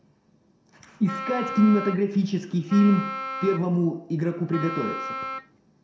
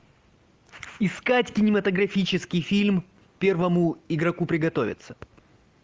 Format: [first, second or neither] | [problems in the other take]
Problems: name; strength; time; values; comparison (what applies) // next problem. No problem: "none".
second | background sound (Wind instrument, woodwind instrument); 9 dB below the speech // room echo; dies away in 0.6 s